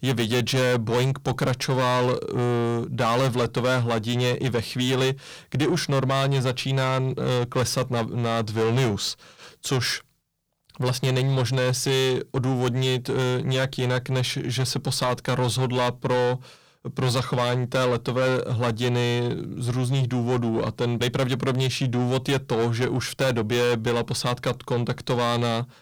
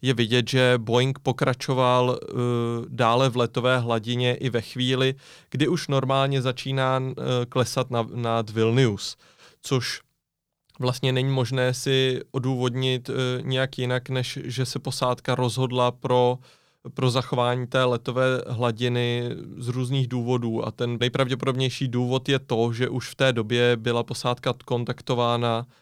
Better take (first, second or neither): second